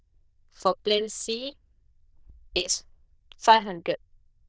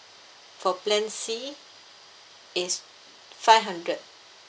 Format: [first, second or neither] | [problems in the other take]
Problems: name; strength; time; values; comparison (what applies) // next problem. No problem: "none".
second | noise reduction (neural diffusion model UNIVERSE++)